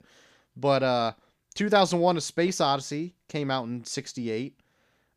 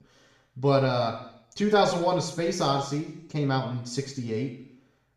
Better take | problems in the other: first | room echo; noticeable; dies away in 0.7 s // off-mic speech; far

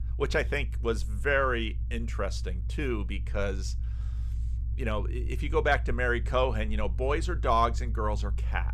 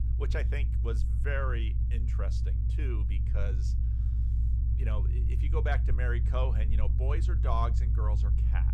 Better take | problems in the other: first | low rumble; loud; throughout; 8 dB below the speech; faint in the first

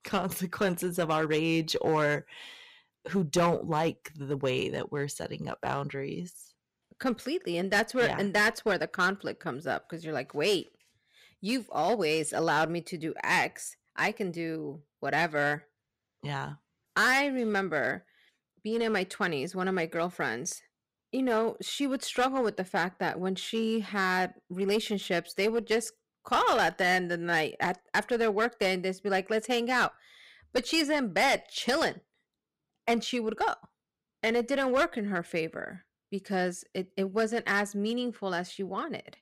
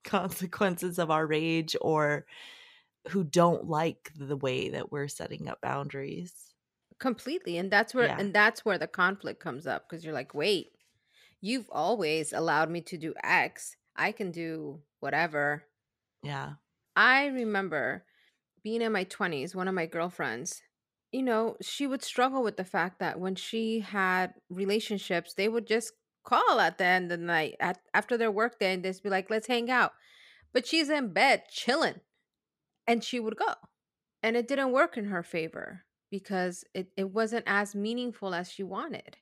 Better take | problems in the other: second | distortion; slight; 4% of the sound clipped

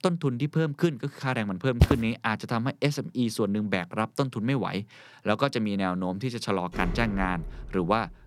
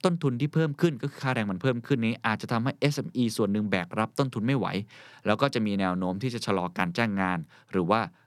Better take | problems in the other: second | footsteps; loud; at 2 s; peak 4 dB above the speech // door banging; noticeable; from 6.5 s on; peak 7 dB below the speech

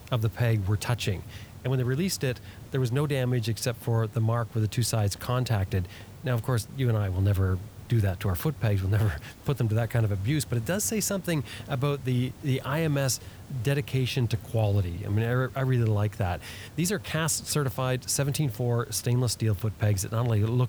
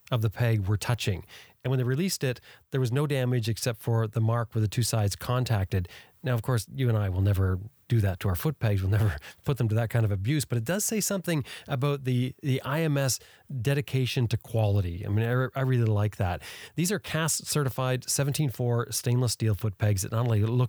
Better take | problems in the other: second | hiss; noticeable; throughout; 20 dB below the speech

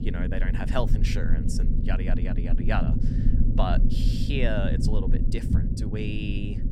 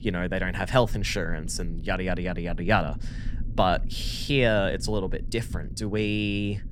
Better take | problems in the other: second | low rumble; loud; throughout; 5 dB below the speech; faint in the second

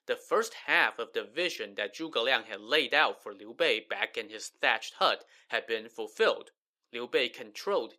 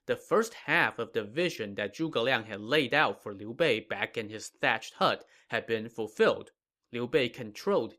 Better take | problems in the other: second | thin; somewhat; fading below 400 Hz

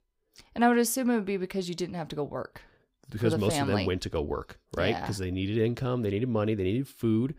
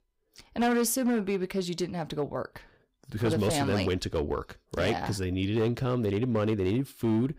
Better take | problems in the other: first | distortion; slight; 7% of the sound clipped

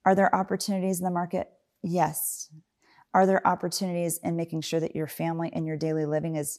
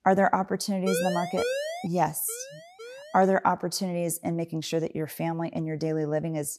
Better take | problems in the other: first | siren; noticeable; from 1 to 2 s; peak 2 dB below the speech // siren; faint; from 2.5 to 3.5 s; peak 15 dB below the speech

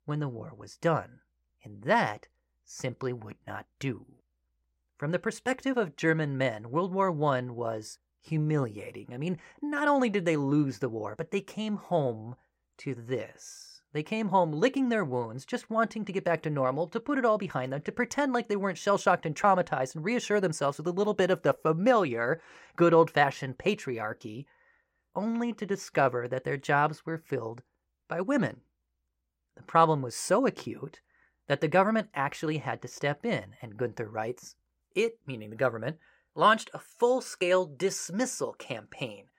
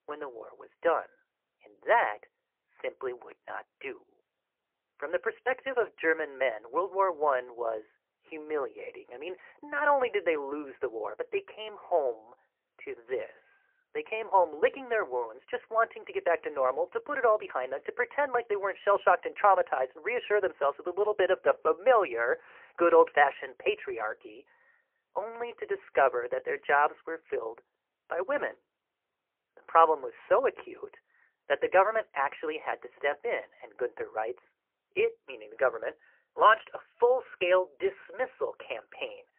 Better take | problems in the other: first | phone-call audio; poor line; nothing above 3 kHz

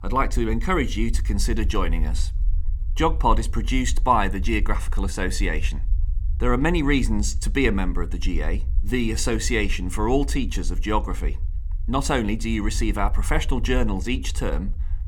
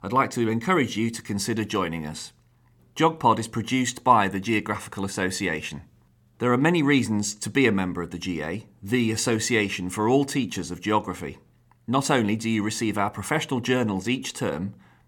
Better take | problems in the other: second | low rumble; faint; throughout; 25 dB below the speech

